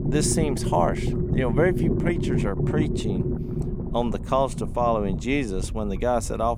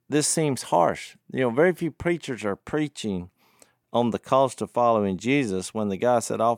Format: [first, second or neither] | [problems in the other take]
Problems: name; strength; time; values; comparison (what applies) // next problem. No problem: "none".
second | low rumble; loud; throughout; 7 dB below the speech